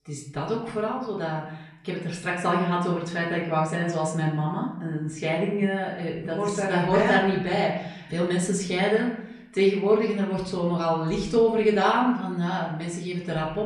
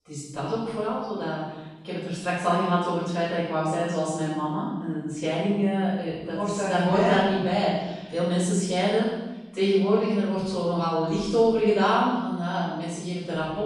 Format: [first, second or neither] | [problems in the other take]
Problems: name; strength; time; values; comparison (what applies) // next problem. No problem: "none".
first | room echo; strong; dies away in 1 s; slight in the first // off-mic speech; far; far in the first